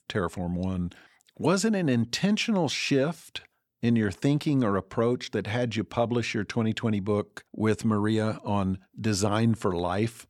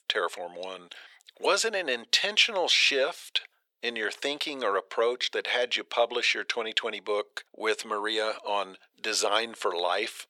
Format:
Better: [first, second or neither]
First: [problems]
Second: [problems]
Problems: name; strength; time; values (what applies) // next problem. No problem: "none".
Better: first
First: none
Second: thin; very; fading below 450 Hz